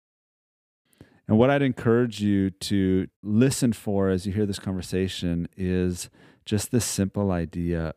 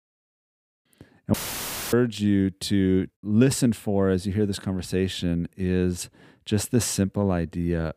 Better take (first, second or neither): first